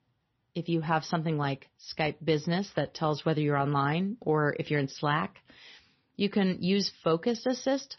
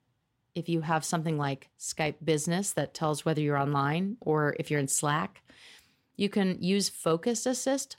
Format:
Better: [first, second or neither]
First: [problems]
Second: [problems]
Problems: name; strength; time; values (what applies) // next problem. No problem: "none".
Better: second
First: garbled, watery; slightly; nothing above 6 kHz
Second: none